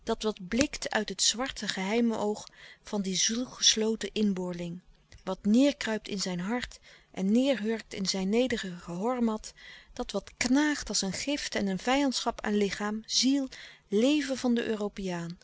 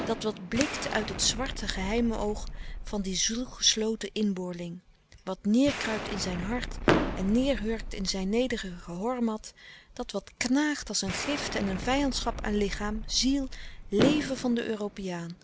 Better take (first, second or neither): first